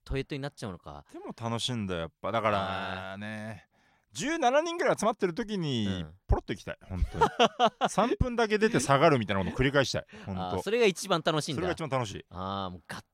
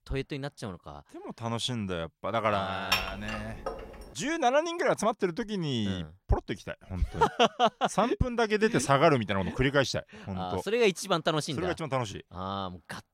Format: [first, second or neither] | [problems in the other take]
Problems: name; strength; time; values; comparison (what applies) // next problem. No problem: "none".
first | clattering dishes; loud; at 3 s; peak level with the speech